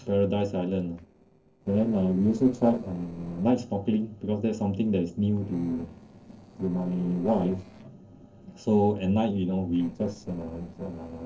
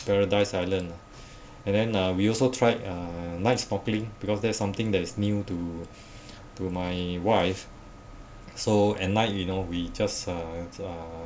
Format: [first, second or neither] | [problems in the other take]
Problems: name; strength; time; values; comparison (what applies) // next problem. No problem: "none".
second | noise reduction (neural separator model SepFormer DNS4)